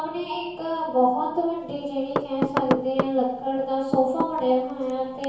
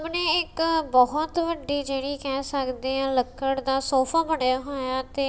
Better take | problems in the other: second | background sound (Knock / Wood); 6 dB below the speech // room echo; dies away in 1 s

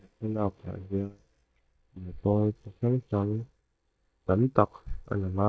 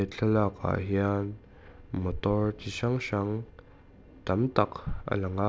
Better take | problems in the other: second | noise reduction (neural mask model DeepFilterNet 3)

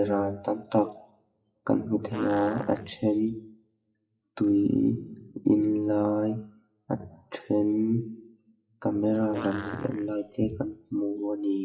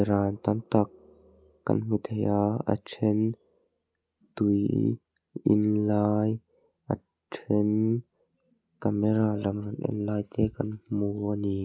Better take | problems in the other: second | noise reduction (classical method WPE with log-MMSE)

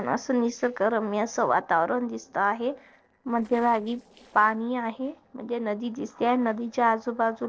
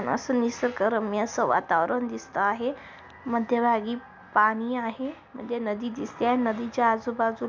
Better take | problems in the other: second | noise reduction (neural separator model SepFormer DNS4)

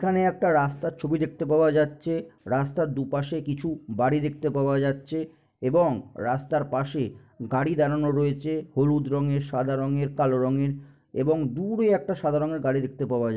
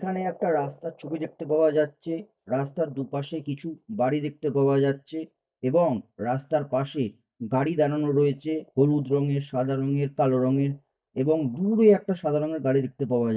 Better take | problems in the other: first | noise reduction (neural mask model DeepFilterNet 3)

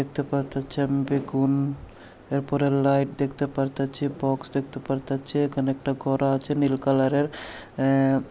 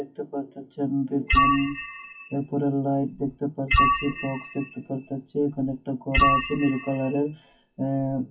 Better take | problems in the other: first | noise reduction (classical method WPE with log-MMSE)

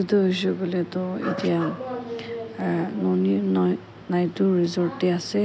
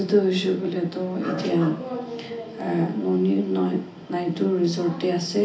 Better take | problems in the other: first | room echo; dies away in 0.4 s

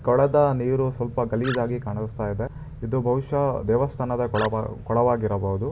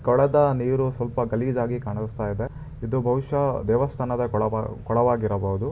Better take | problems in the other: second | background sound (Animal); 16 dB below the speech

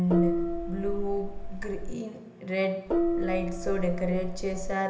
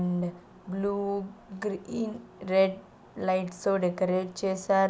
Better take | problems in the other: second | background sound (Gong); 1 dB above the speech // room echo; dies away in 1.4 s

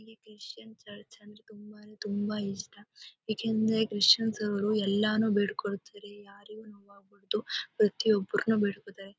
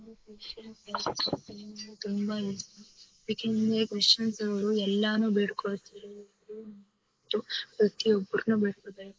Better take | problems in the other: first | noise reduction (neural mask model Resemble Enhance denoiser)

